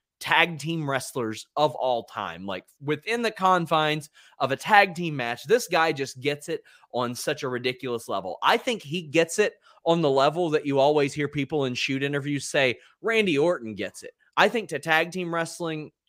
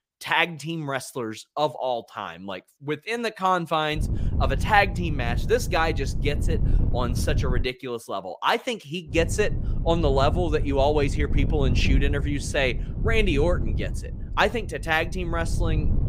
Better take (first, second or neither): first